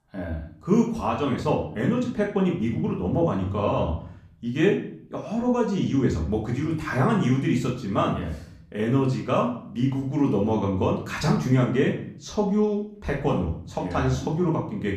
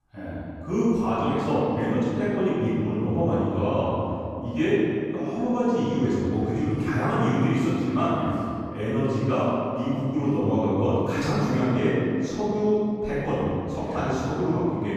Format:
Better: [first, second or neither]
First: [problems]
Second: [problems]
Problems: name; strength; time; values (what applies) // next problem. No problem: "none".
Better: first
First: room echo; slight; dies away in 0.5 s // off-mic speech; far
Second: room echo; strong; dies away in 2.6 s // off-mic speech; far